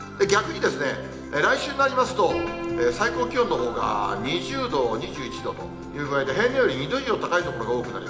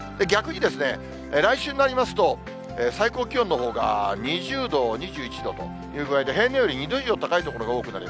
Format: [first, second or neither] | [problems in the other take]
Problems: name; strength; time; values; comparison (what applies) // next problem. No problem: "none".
second | background sound (Piano); 13 dB below the speech // room echo; dies away in 0.8 s